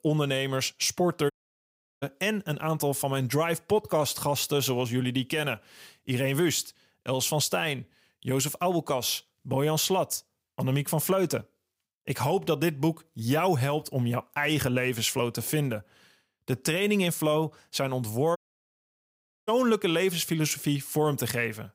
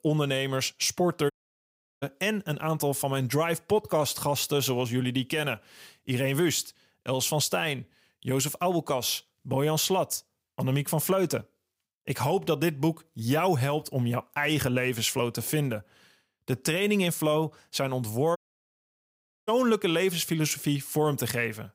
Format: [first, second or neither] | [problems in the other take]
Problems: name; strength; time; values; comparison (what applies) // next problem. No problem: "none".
neither | audio cutting out; at 1.5 s for 0.5 s and at 18 s for 1 s; the same in both